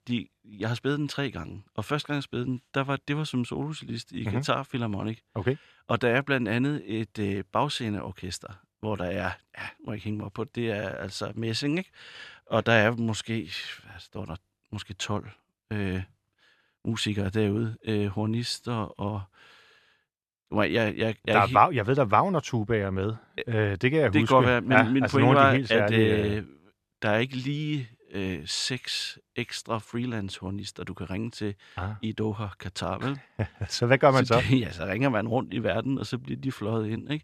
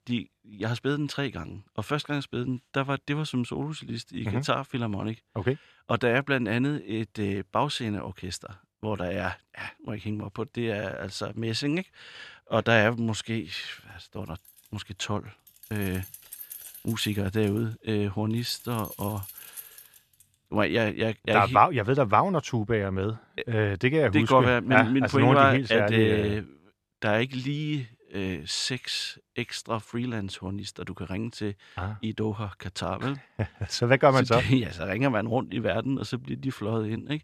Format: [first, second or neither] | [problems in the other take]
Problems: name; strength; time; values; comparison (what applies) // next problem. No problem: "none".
first | jangling keys; faint; from 14 to 20 s; peak 10 dB below the speech